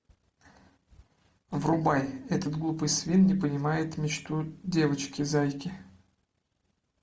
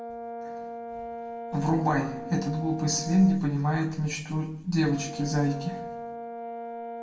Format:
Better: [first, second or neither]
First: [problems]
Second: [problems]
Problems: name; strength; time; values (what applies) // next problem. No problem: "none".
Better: first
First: none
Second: background sound (Brass instrument); 10 dB below the speech // room echo; dies away in 0.7 s